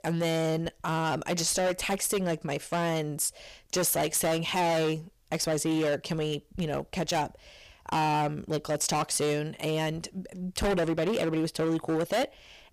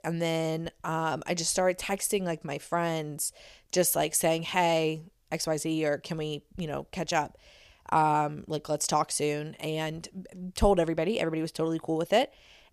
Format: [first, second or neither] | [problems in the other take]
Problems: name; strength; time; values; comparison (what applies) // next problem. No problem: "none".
second | distortion; heavy; 16% of the sound clipped